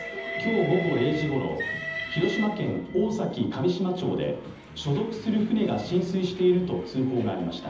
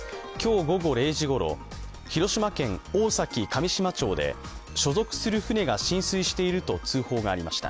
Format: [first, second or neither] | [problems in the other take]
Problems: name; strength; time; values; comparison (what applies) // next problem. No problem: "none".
second | background sound (Train); 12 dB below the speech // room echo; dies away in 0.8 s